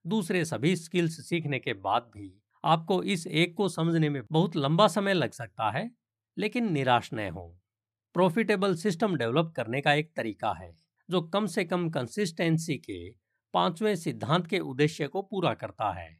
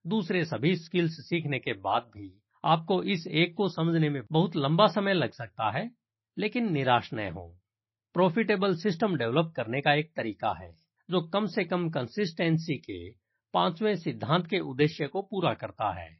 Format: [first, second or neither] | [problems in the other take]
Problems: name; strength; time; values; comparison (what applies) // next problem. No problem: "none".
first | garbled, watery; slightly; nothing above 5.5 kHz